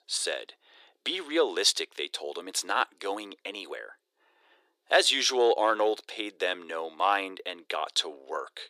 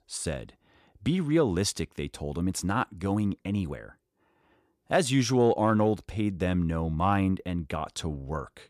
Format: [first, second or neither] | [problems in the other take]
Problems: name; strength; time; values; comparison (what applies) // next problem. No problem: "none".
second | thin; very; fading below 400 Hz